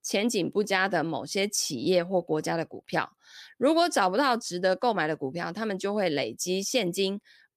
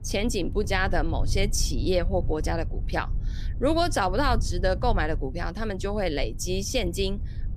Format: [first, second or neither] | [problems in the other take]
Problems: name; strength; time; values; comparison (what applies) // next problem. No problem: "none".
first | low rumble; faint; throughout; 20 dB below the speech